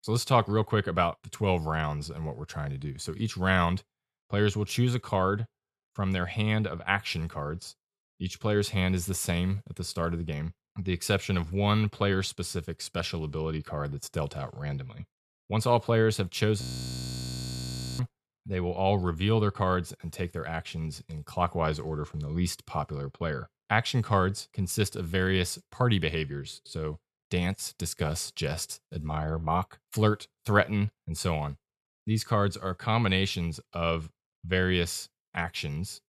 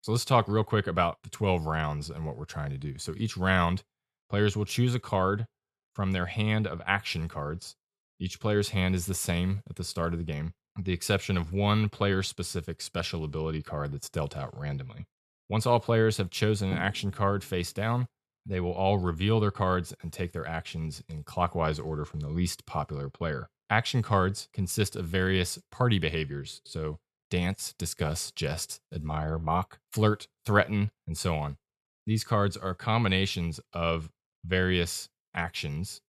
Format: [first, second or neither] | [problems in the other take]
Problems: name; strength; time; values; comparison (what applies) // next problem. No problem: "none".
second | audio freezing; at 17 s for 1.5 s